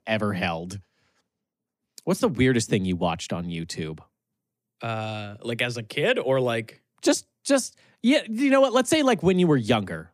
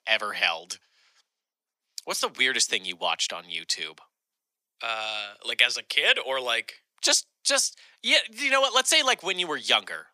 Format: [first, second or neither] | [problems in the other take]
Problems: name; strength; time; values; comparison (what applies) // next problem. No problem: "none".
first | thin; very; fading below 900 Hz